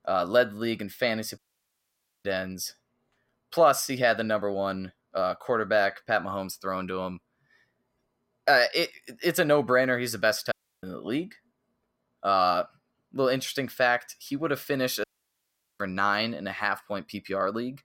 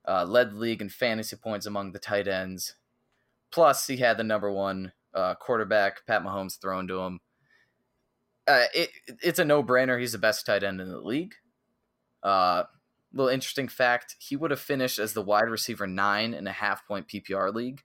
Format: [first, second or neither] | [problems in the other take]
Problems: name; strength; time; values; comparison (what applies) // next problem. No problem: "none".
second | audio cutting out; at 1.5 s for 1 s, at 11 s and at 15 s for 1 s